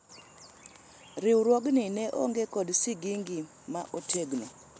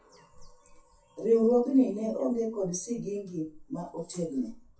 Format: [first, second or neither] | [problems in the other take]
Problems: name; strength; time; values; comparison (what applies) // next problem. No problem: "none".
first | noise reduction (classical method WPE with log-MMSE)